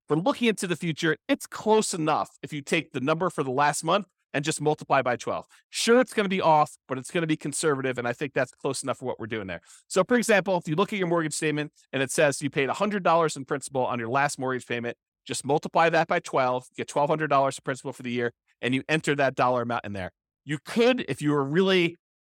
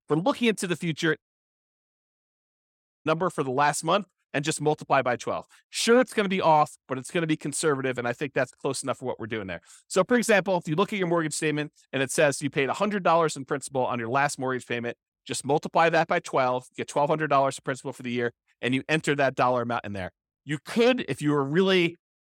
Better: first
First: none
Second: audio cutting out; at 1 s for 2 s

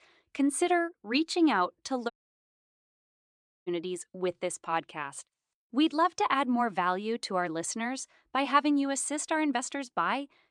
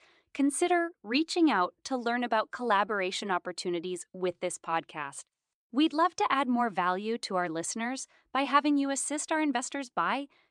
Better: second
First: audio cutting out; at 2 s for 1.5 s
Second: none

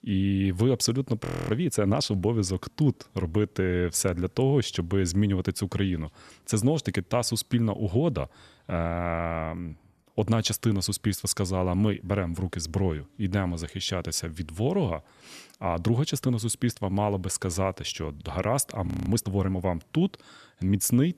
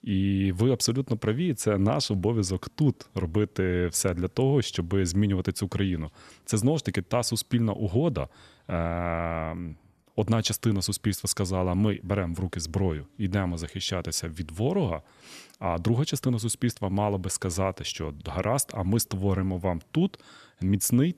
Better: second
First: audio freezing; at 1.5 s and at 19 s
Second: none

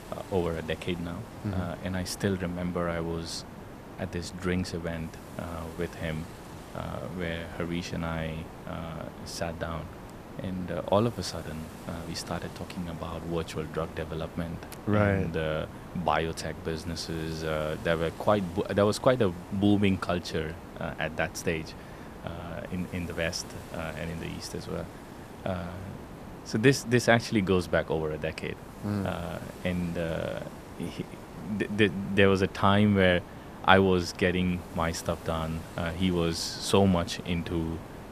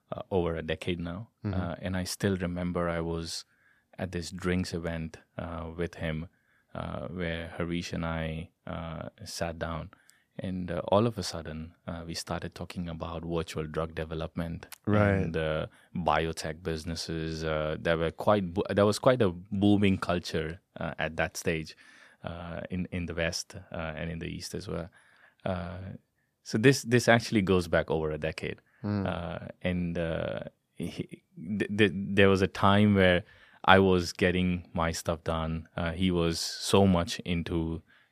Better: second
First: hiss; noticeable; throughout; 15 dB below the speech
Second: none

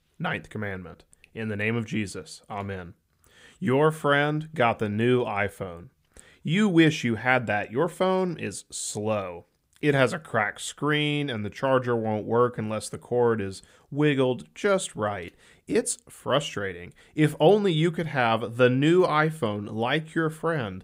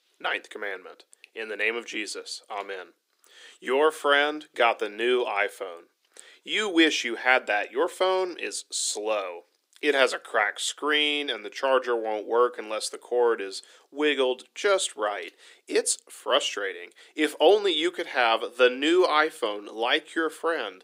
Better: first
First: none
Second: thin; somewhat; fading below 300 Hz

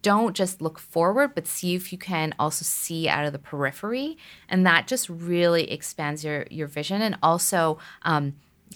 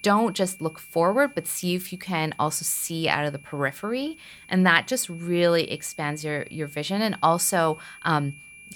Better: first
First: none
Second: high-pitched whine; faint; throughout; 2.5 kHz, 20 dB below the speech

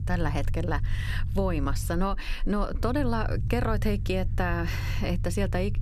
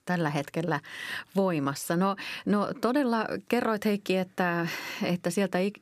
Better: second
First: low rumble; noticeable; throughout; 15 dB below the speech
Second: none

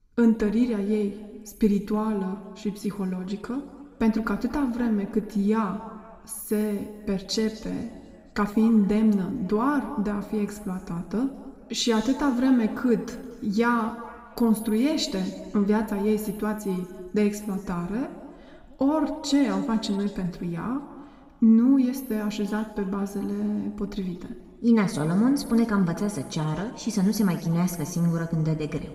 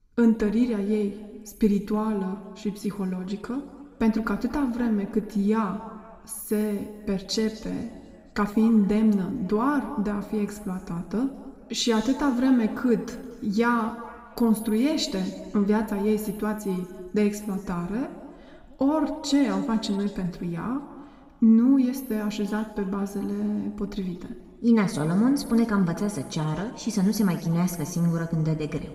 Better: neither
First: room echo; slight; dies away in 1.5 s // off-mic speech; somewhat distant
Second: room echo; slight; dies away in 1.5 s // off-mic speech; somewhat distant

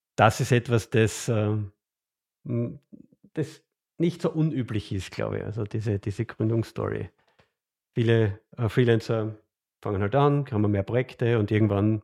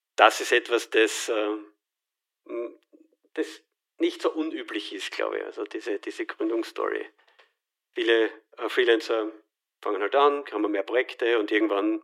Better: first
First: none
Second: thin; very; fading below 300 Hz

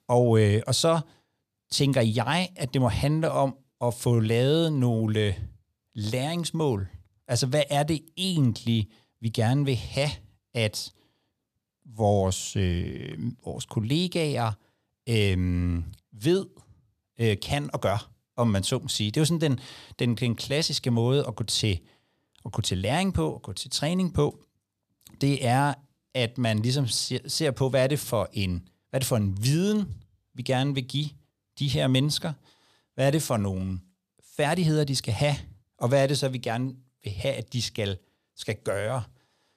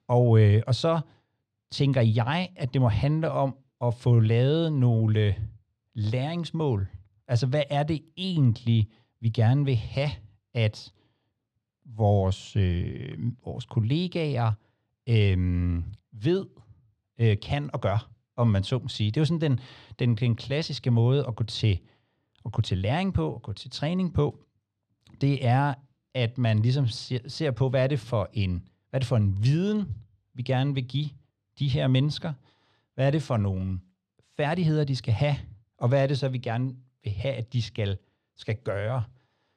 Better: first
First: none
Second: muffled; very slightly; fading above 3.5 kHz

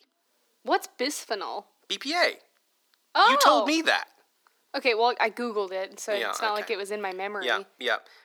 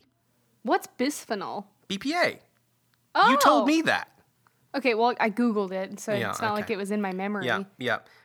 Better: second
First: thin; somewhat; fading below 350 Hz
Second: none

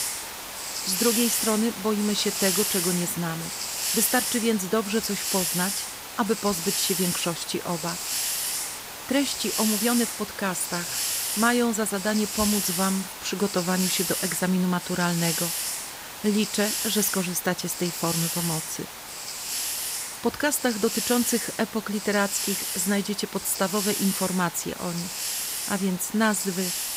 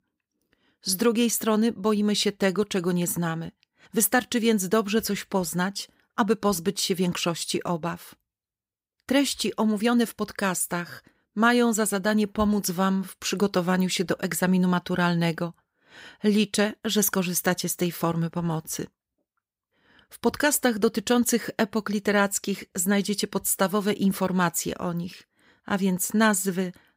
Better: second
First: hiss; loud; throughout; 2 dB below the speech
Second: none

